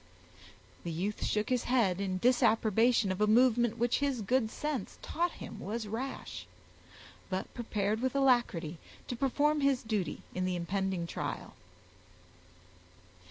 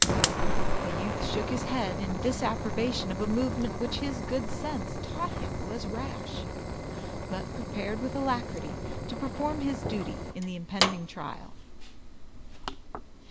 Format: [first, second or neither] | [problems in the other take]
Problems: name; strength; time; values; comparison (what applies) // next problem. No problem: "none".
first | background sound (Fire); 3 dB above the speech